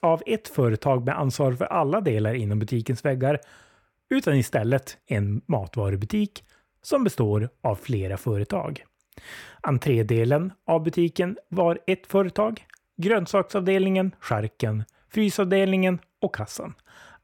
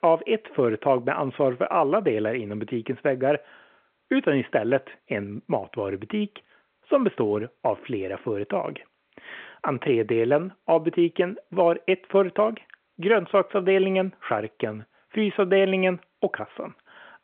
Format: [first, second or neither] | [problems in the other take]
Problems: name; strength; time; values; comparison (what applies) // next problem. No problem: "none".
first | phone-call audio